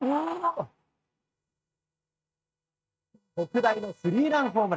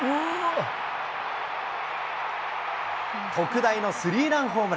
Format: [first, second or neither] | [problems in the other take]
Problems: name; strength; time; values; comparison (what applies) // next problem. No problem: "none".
second | noise reduction (neural mask model RNNoise)